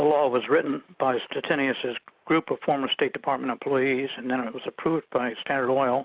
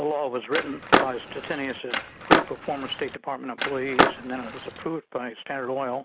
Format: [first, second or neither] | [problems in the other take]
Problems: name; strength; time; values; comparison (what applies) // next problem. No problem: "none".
first | background sound (Skateboard); 5 dB above the speech